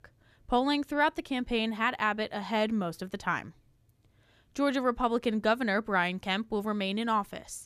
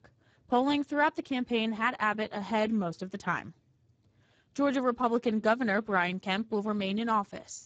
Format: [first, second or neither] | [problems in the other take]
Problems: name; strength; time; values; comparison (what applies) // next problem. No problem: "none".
first | garbled, watery; badly; nothing above 7.5 kHz